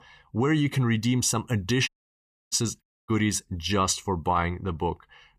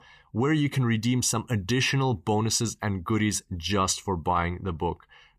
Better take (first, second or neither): second